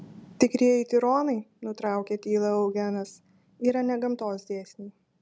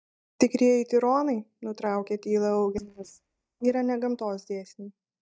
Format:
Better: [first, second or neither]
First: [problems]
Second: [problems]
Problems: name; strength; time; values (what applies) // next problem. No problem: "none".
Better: first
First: none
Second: noise reduction (neural mask model DeepFilterNet 3)